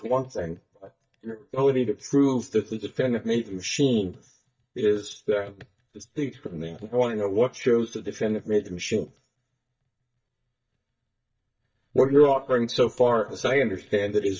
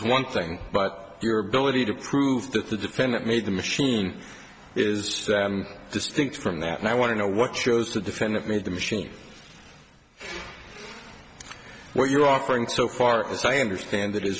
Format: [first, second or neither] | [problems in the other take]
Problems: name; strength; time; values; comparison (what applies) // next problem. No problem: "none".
second | noise reduction (neural mask model DeepFilterNet 3)